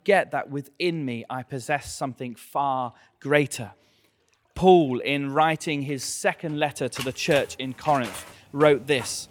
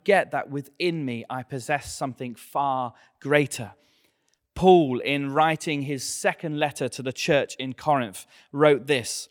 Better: second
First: household noises; noticeable; throughout; 15 dB below the speech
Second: none

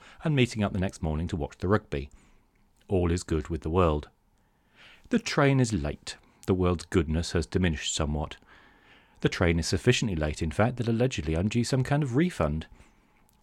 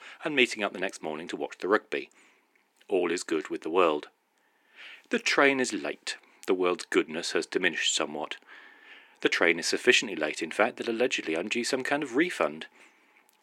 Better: first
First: none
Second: thin; somewhat; fading below 300 Hz

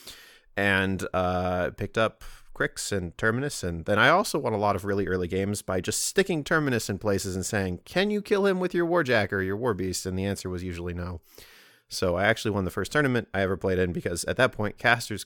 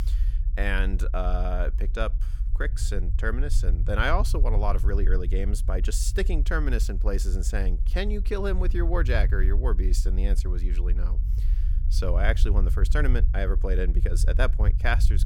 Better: first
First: none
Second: low rumble; noticeable; throughout; 15 dB below the speech

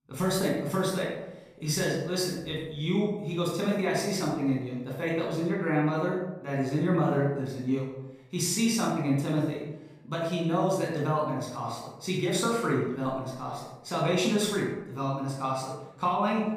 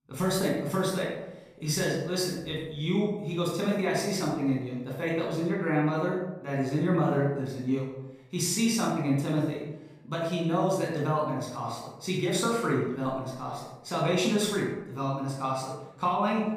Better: neither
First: room echo; noticeable; dies away in 0.8 s // off-mic speech; far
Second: room echo; noticeable; dies away in 0.8 s // off-mic speech; far

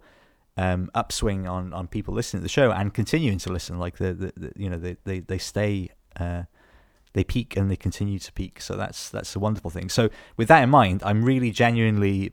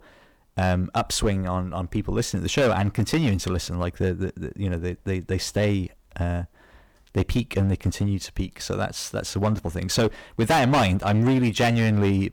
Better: first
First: none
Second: distortion; heavy; 8% of the sound clipped

